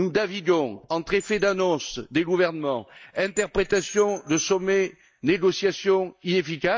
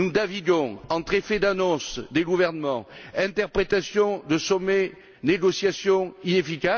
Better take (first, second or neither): second